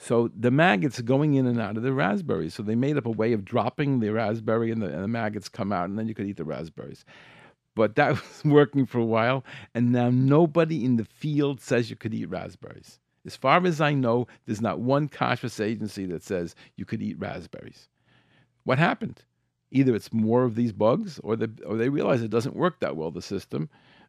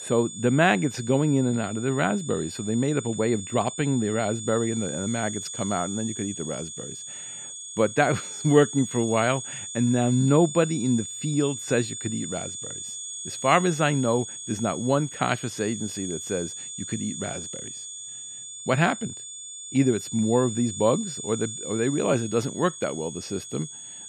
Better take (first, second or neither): first